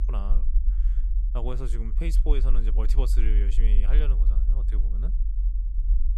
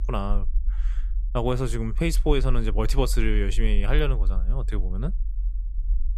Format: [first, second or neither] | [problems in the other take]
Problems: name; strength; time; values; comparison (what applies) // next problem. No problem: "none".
second | low rumble; loud; throughout; 9 dB below the speech; faint in the second